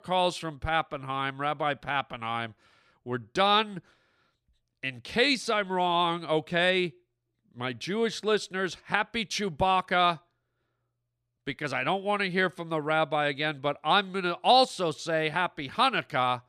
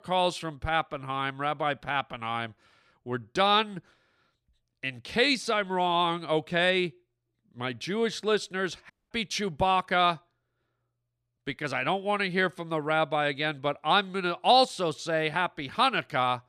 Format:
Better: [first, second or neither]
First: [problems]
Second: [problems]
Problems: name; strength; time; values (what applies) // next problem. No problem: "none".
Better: first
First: none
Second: audio cutting out; at 9 s